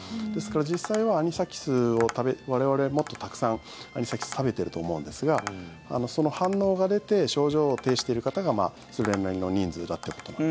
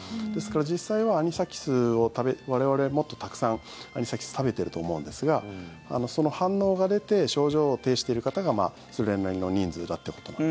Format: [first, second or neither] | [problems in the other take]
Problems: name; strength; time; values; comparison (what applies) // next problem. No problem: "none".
second | background sound (Tap); 17 dB below the speech